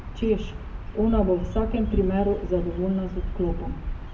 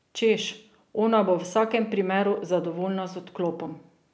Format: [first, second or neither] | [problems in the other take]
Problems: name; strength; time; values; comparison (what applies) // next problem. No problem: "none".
second | background sound (Bird vocalization, bird call, bird song); 4 dB below the speech // room echo; dies away in 0.3 s